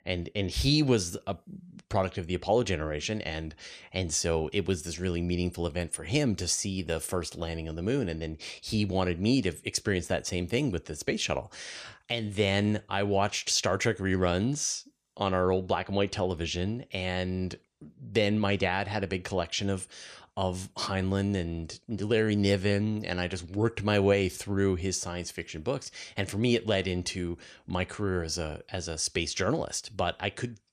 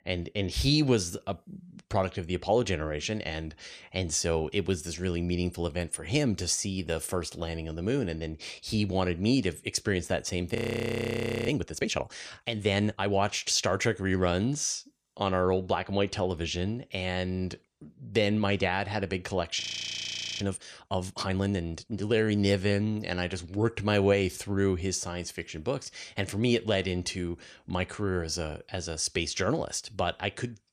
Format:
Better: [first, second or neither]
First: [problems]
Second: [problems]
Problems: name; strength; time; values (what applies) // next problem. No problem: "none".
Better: first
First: none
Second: audio freezing; at 11 s for 1 s and at 20 s for 1 s